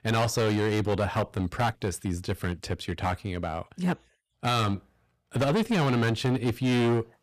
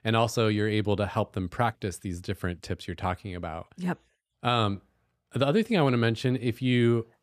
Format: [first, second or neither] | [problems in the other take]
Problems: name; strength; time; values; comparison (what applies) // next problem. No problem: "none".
second | distortion; heavy; 13% of the sound clipped